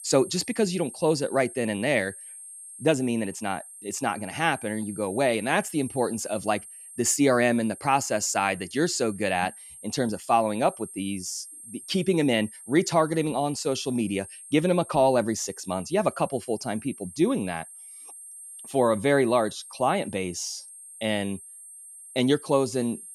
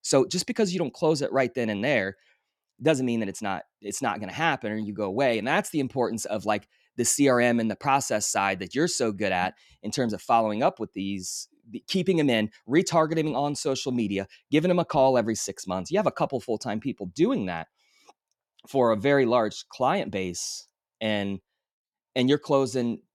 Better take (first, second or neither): second